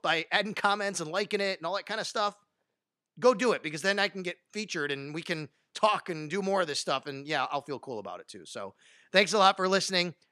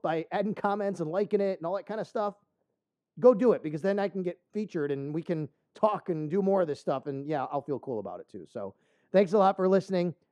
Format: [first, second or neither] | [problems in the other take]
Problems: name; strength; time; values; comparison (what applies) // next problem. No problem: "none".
first | muffled; very; fading above 1 kHz